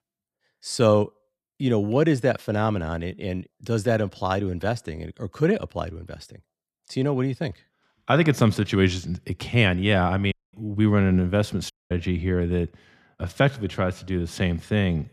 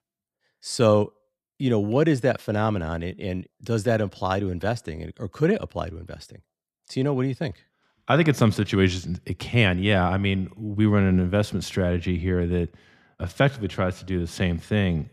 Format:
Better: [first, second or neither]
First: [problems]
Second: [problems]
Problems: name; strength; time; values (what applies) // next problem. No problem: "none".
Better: second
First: audio cutting out; at 10 s and at 12 s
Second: none